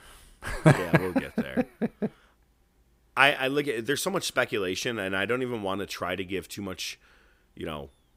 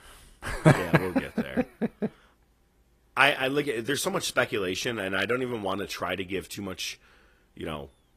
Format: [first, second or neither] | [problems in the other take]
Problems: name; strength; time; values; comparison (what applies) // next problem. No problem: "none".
first | garbled, watery; slightly; nothing above 14.5 kHz